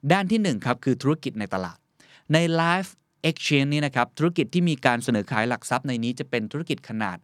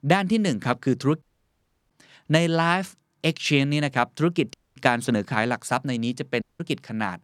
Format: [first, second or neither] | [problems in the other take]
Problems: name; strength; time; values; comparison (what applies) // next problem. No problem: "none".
first | audio cutting out; at 1 s for 0.5 s, at 4.5 s and at 6.5 s